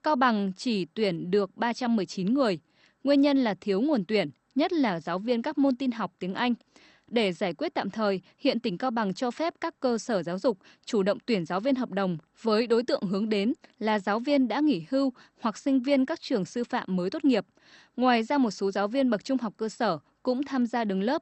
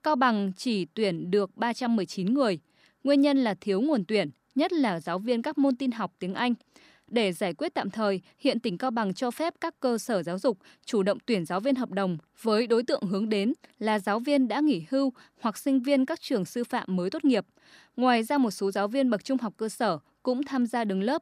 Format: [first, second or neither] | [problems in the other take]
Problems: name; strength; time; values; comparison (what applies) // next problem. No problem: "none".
second | garbled, watery; slightly; nothing above 8 kHz